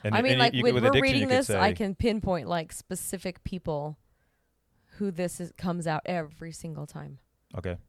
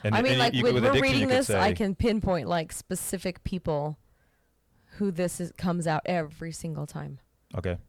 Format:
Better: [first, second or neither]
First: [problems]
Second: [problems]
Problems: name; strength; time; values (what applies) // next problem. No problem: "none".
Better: first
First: none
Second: distortion; slight; 10 dB below the speech